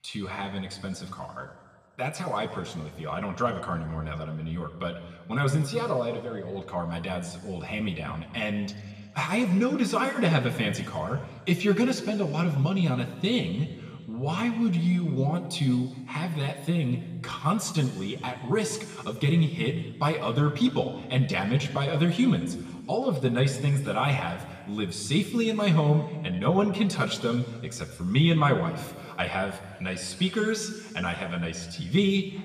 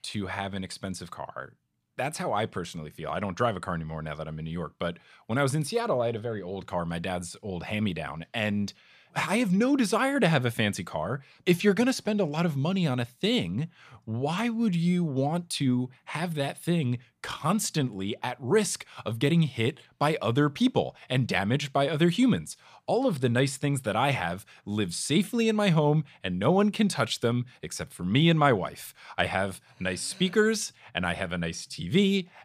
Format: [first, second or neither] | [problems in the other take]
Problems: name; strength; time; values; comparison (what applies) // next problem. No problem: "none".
second | room echo; slight; dies away in 1.6 s // off-mic speech; somewhat distant